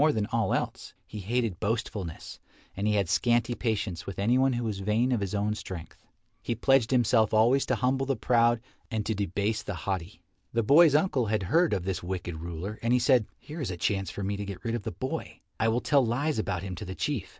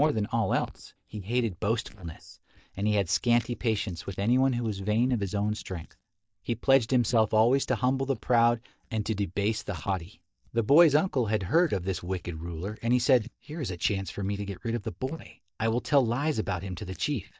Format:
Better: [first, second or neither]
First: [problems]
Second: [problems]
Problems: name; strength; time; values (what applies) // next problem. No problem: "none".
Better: first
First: none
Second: noise reduction (neural mask model DeepFilterNet 3)